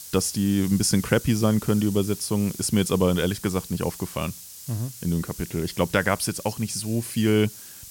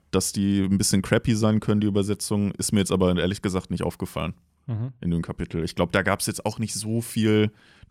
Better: second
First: hiss; noticeable; throughout; 15 dB below the speech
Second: none

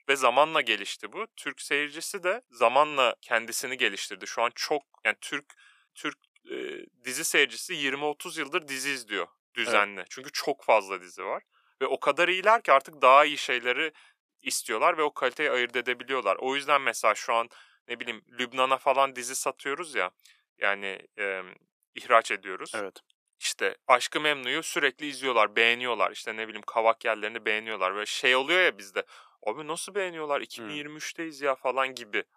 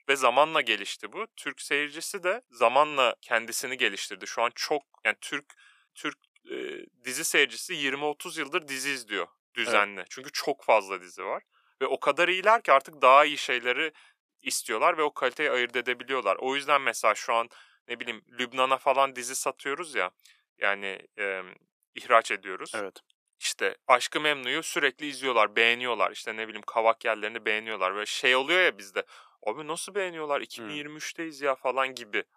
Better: neither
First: thin; very; fading below 450 Hz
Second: thin; very; fading below 450 Hz

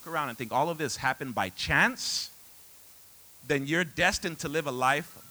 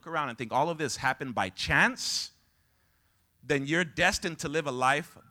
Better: second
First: hiss; faint; throughout; 20 dB below the speech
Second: none

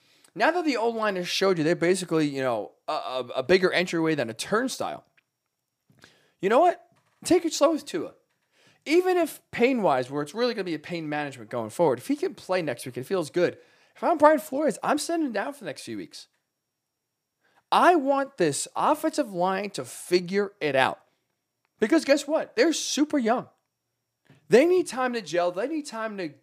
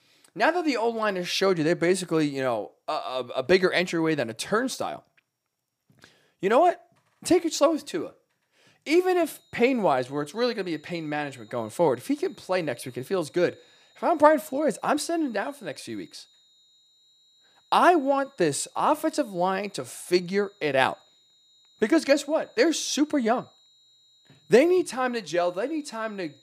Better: first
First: none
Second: high-pitched whine; faint; from 9 s on; 4 kHz, 35 dB below the speech

